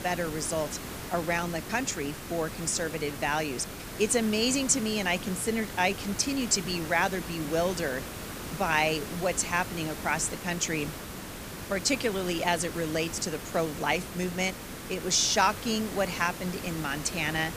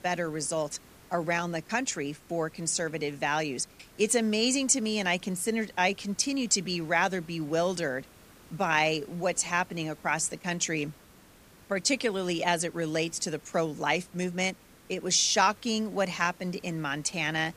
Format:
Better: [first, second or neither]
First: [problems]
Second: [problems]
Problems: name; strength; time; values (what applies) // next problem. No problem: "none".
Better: second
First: hiss; loud; throughout; 9 dB below the speech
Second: hiss; faint; throughout; 25 dB below the speech